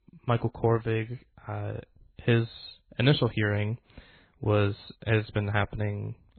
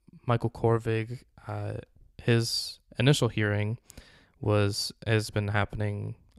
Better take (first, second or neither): second